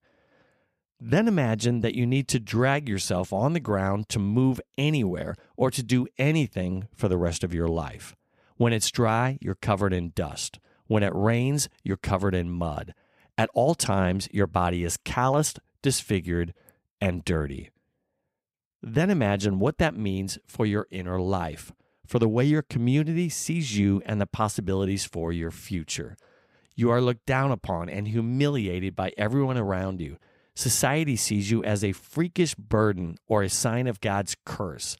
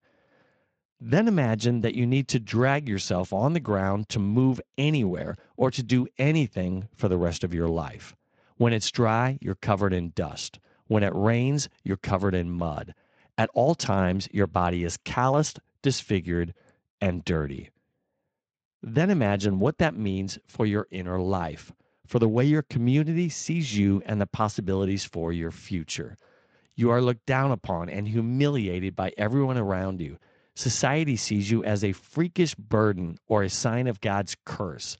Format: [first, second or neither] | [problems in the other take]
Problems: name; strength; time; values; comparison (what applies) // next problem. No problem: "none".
first | garbled, watery; slightly; nothing above 7.5 kHz